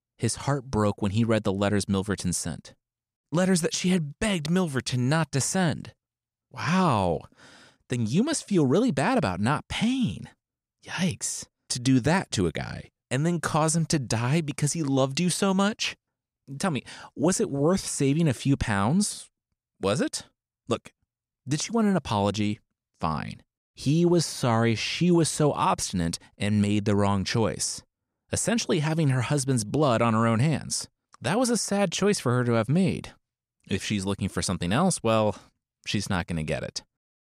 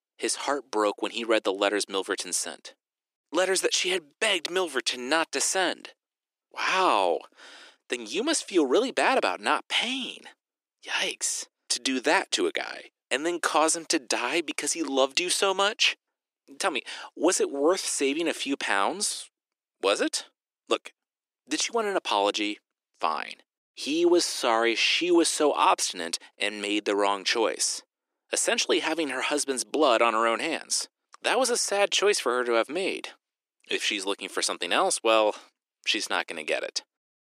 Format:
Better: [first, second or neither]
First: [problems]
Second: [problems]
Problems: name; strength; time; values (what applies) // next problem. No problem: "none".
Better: first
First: none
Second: thin; very; fading below 300 Hz